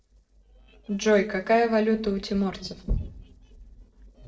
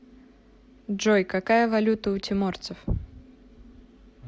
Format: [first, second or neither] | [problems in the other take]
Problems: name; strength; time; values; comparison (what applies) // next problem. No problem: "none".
second | noise reduction (neural separator model SepFormer DNS4)